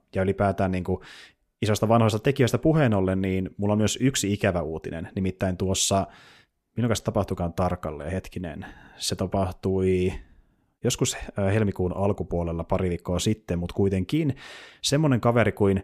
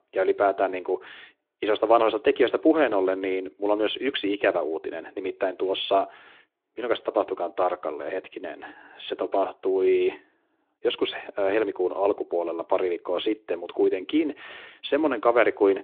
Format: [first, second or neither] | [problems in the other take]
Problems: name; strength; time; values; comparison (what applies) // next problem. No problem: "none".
first | phone-call audio